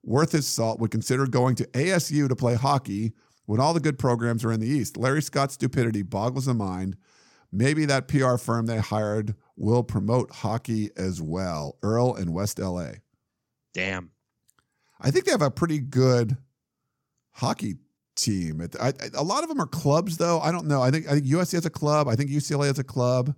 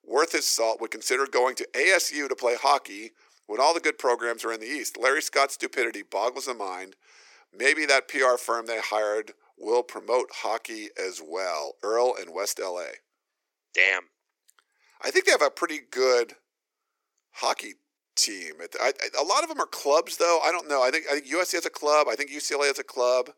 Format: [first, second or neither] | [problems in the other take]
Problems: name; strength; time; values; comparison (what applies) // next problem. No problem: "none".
first | thin; very; fading below 400 Hz